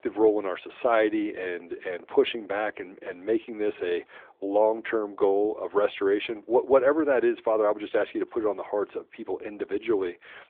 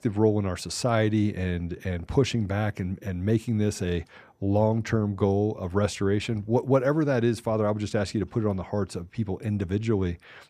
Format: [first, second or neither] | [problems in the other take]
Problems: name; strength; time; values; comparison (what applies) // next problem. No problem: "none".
second | phone-call audio; nothing above 3.5 kHz